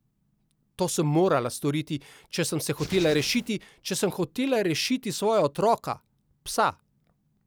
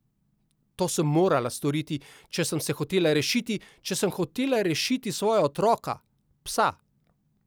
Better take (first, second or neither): second